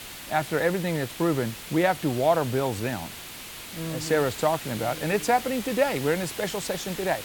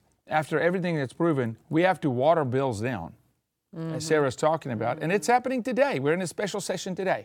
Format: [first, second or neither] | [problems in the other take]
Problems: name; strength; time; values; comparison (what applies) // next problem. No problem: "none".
second | hiss; noticeable; throughout; 10 dB below the speech